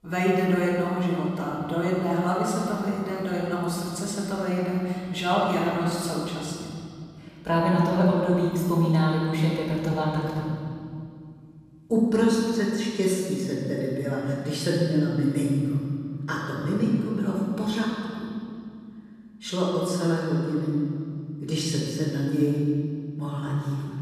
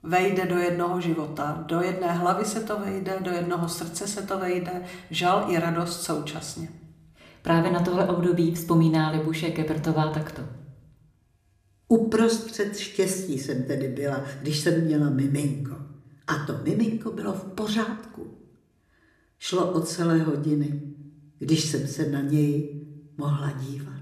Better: second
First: room echo; strong; dies away in 2.2 s // off-mic speech; far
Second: room echo; slight; dies away in 0.6 s // off-mic speech; somewhat distant

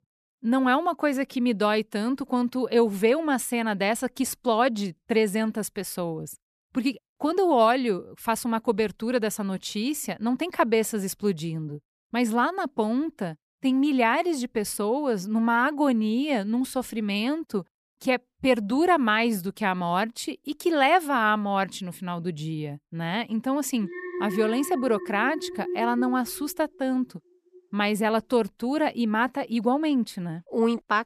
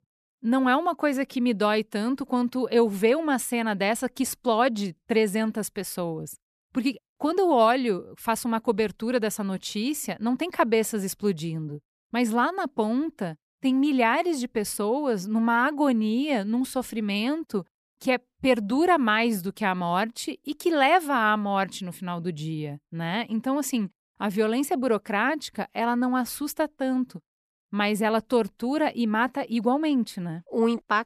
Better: second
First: alarm; noticeable; from 24 to 27 s; peak 7 dB below the speech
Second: none

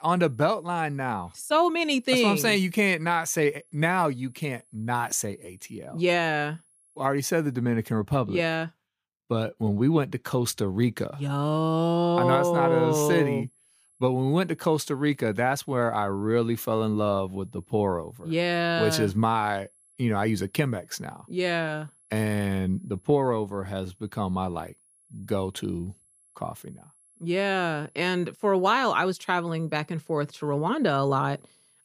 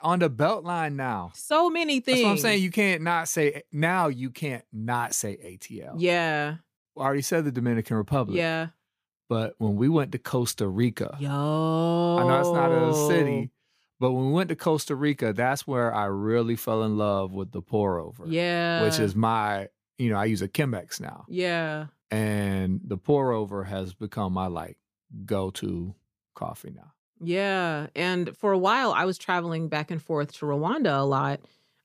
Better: second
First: high-pitched whine; faint; until 7.5 s and from 13 s on; 11 kHz, 35 dB below the speech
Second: none

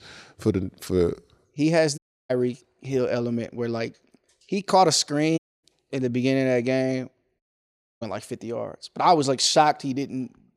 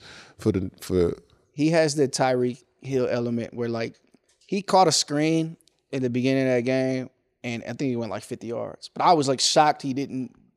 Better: second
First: audio cutting out; at 2 s, at 5.5 s and at 7.5 s for 0.5 s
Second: none

